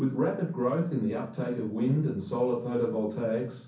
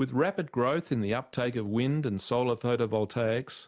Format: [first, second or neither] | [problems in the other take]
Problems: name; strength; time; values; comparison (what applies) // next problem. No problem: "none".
second | room echo; dies away in 0.6 s